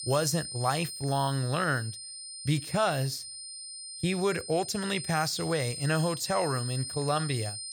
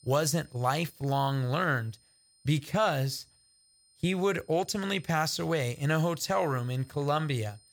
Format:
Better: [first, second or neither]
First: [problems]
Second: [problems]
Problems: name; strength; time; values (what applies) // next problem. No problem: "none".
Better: second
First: high-pitched whine; loud; throughout; 9 kHz, 8 dB below the speech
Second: high-pitched whine; faint; throughout; 9 kHz, 30 dB below the speech